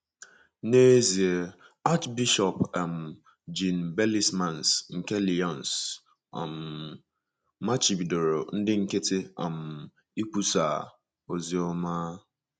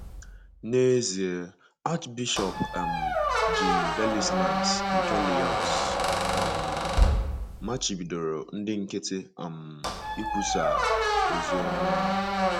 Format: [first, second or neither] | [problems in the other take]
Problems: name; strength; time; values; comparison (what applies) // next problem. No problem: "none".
first | background sound (Squeak); 4 dB above the speech